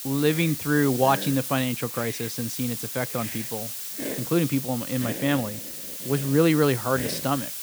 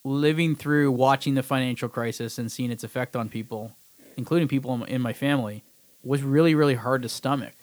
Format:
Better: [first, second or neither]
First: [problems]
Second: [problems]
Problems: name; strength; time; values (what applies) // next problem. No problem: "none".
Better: second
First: hiss; loud; throughout; 6 dB below the speech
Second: hiss; faint; throughout; 30 dB below the speech